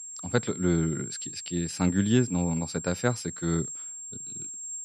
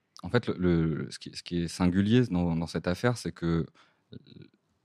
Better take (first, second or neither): second